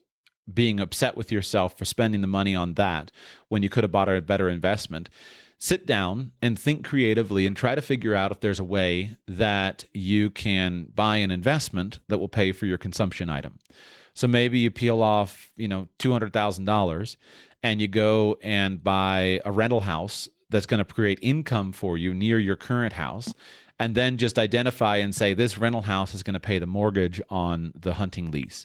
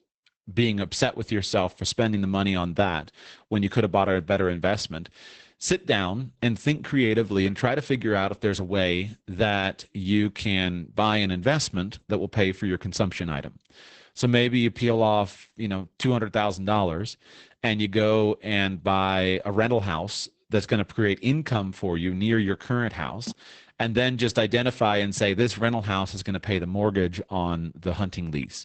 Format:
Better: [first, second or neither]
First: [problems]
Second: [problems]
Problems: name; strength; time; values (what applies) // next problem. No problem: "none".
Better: first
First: garbled, watery; slightly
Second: garbled, watery; badly; nothing above 8 kHz